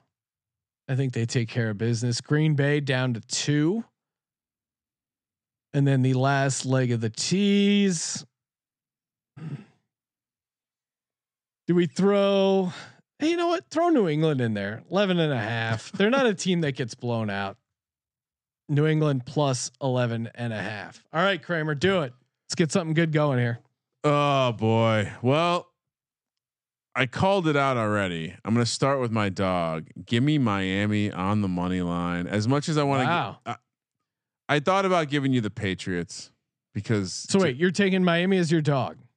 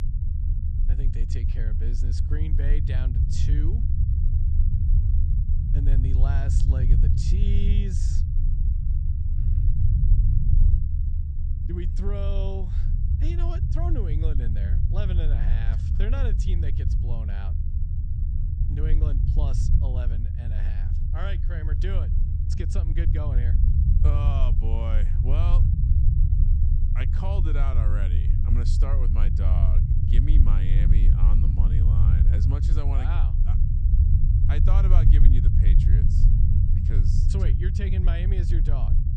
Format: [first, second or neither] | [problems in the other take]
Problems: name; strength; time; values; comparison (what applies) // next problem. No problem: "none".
first | low rumble; loud; throughout; as loud as the speech